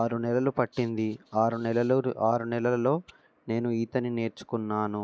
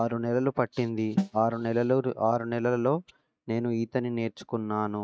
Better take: first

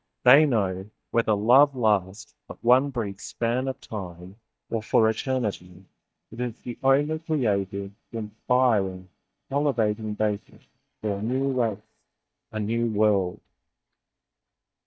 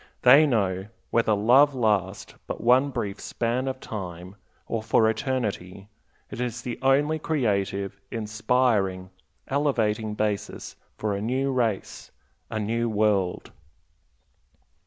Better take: second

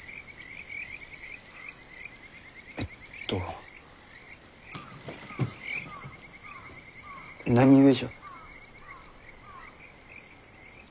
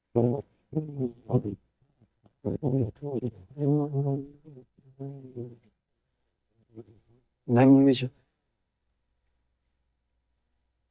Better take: first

